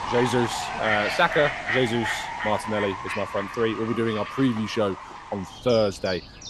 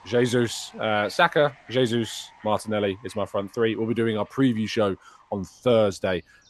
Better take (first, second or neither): second